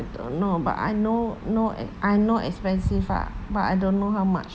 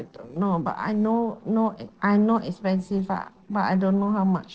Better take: first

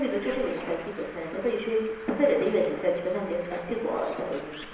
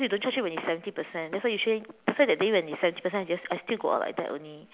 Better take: second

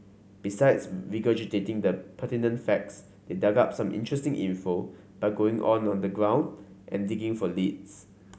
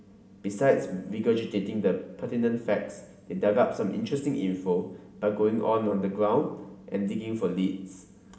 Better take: first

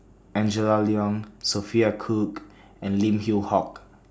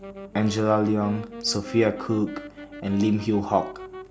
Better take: first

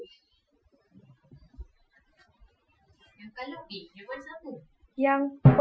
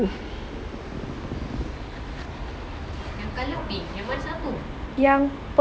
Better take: second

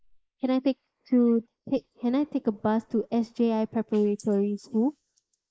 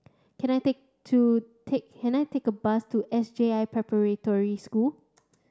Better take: second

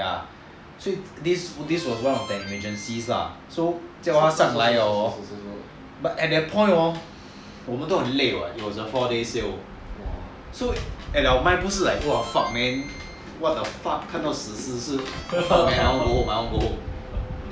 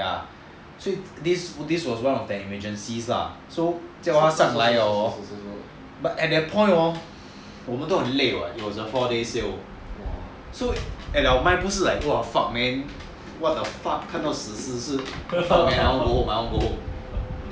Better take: second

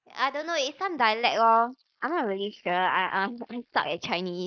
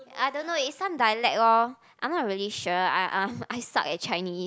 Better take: second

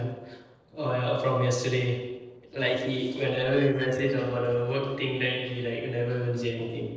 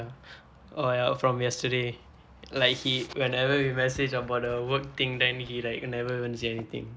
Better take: second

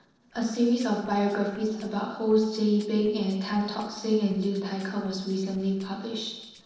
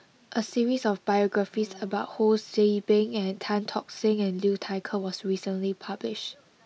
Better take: second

